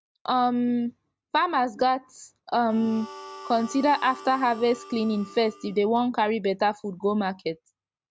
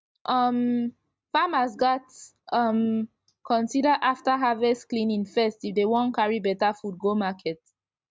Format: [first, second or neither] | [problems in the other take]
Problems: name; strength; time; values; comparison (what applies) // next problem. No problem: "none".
second | background sound (Harmonica); 17 dB below the speech